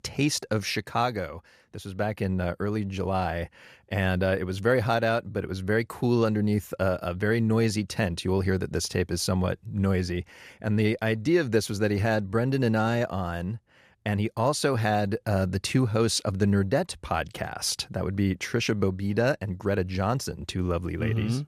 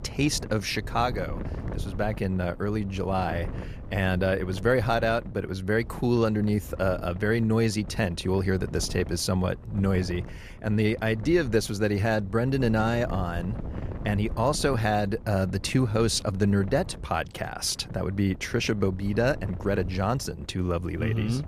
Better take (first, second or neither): first